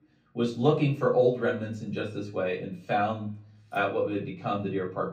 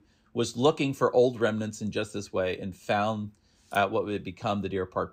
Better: second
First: room echo; slight; dies away in 0.4 s // off-mic speech; far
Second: none

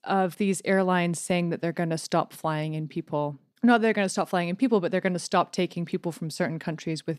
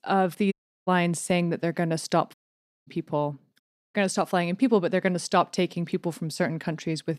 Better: first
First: none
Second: audio cutting out; at 0.5 s, at 2.5 s for 0.5 s and at 3.5 s

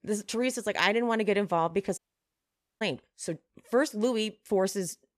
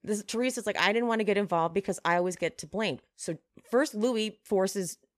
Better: second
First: audio cutting out; at 2 s for 1 s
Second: none

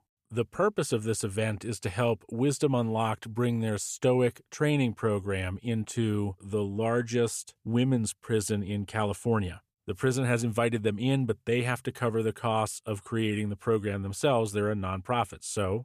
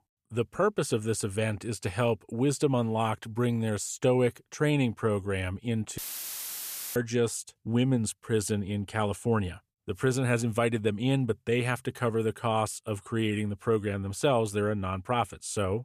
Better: first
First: none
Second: audio cutting out; filled with static; at 6 s for 1 s

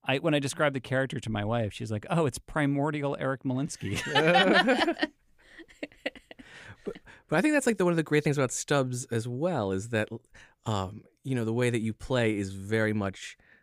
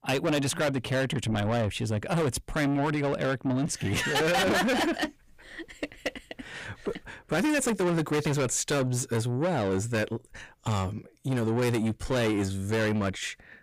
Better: first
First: none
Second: distortion; heavy; 6 dB below the speech

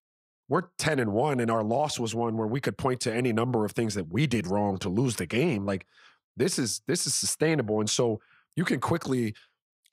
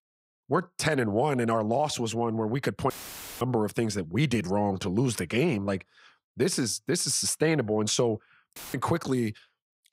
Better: first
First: none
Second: audio cutting out; filled with static; at 3 s for 0.5 s and at 8.5 s

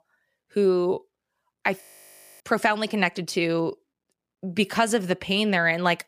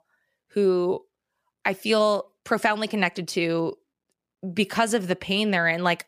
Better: second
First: audio freezing; at 2 s for 0.5 s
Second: none

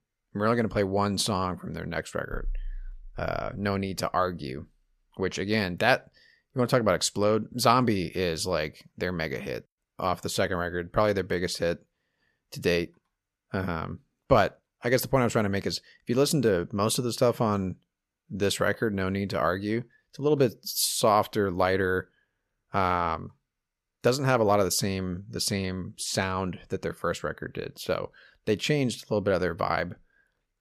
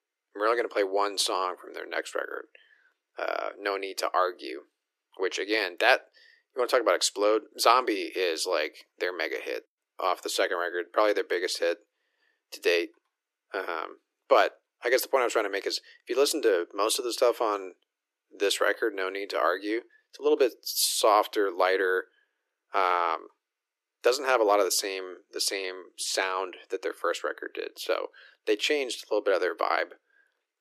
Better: first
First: none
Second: thin; very; fading below 300 Hz

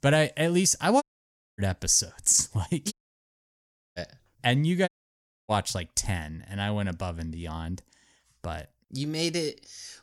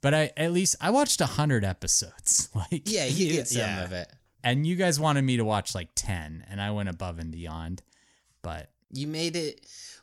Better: second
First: audio cutting out; at 1 s for 0.5 s, at 3 s for 1 s and at 5 s for 0.5 s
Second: none

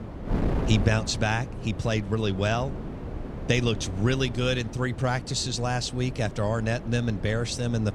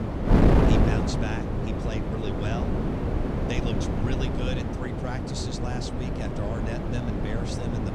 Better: first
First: wind noise on the microphone; occasional gusts; 10 dB below the speech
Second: wind noise on the microphone; heavy; 5 dB above the speech

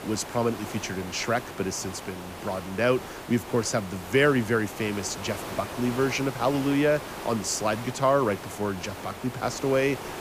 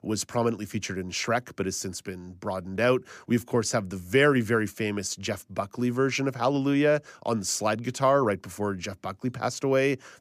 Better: second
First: hiss; noticeable; throughout; 10 dB below the speech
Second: none

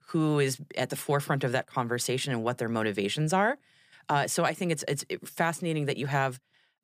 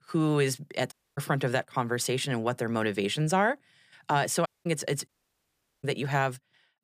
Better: first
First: none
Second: audio cutting out; at 1 s, at 4.5 s and at 5 s for 1 s

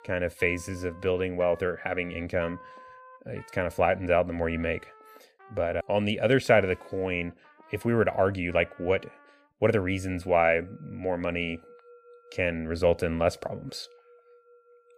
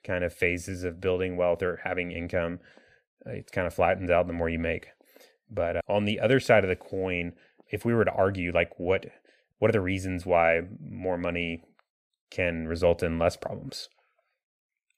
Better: second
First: background music; faint; throughout; 25 dB below the speech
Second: none

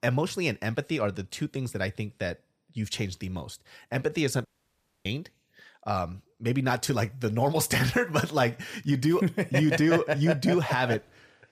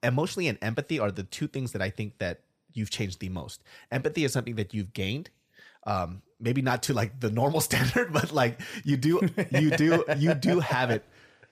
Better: second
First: audio cutting out; at 4.5 s for 0.5 s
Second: none

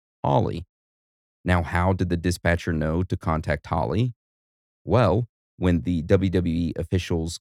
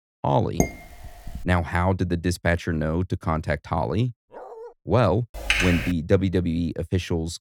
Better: first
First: none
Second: clattering dishes; noticeable; at 0.5 s; peak 2 dB below the speech // dog barking; faint; at 4.5 s; peak 15 dB below the speech // keyboard typing; loud; at 5.5 s; peak 2 dB above the speech

